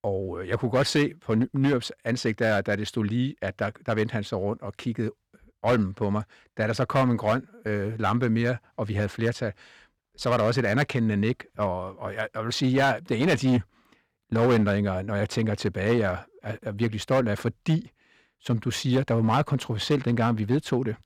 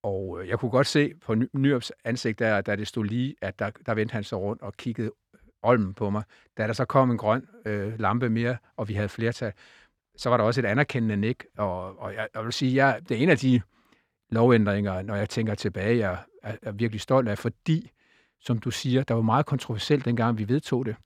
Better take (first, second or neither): second